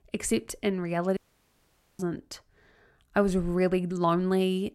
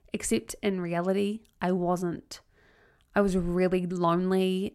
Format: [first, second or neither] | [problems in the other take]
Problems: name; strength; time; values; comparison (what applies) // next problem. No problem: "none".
second | audio cutting out; at 1 s for 1 s